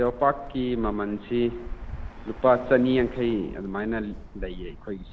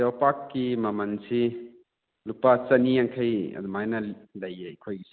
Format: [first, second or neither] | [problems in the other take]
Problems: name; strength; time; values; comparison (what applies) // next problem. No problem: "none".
second | background sound (Bird); 12 dB below the speech